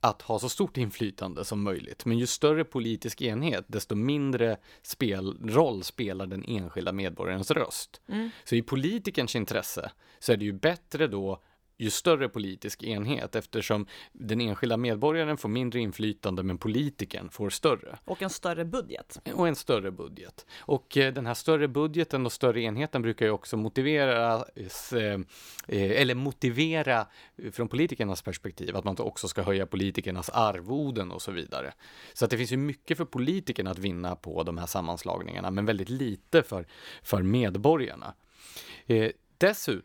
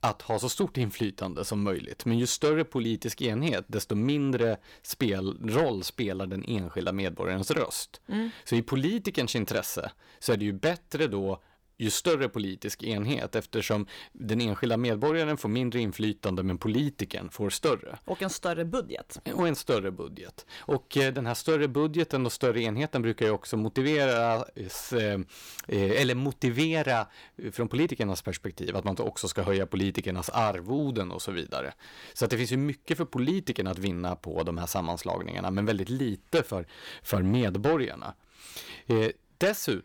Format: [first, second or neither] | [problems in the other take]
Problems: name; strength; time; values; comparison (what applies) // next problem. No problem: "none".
first | distortion; slight; 10 dB below the speech